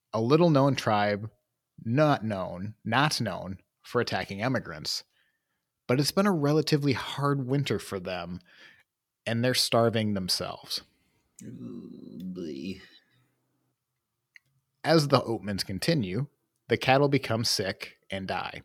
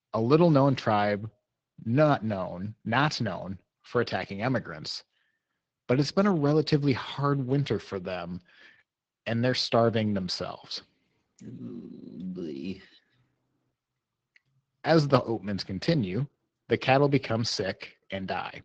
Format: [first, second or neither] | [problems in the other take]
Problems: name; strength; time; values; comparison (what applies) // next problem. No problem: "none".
first | garbled, watery; slightly